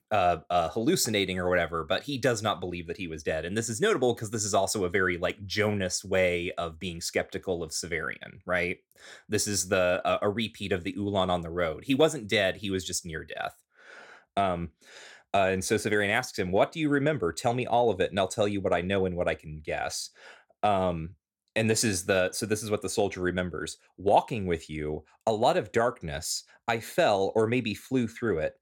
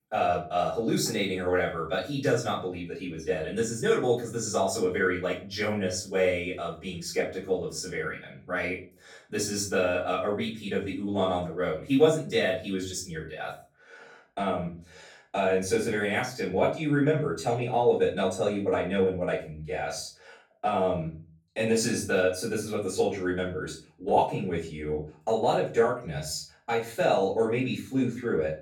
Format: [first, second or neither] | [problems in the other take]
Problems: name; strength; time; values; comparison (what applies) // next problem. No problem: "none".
first | off-mic speech; far // room echo; slight; dies away in 0.3 s